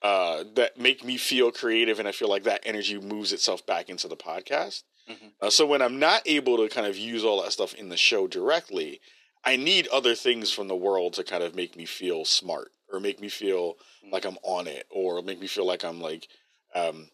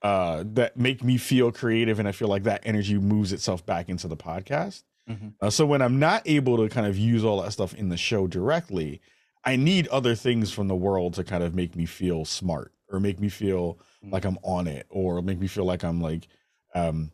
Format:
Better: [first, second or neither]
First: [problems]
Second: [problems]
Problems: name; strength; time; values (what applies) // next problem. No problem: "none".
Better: second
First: thin; somewhat; fading below 350 Hz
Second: none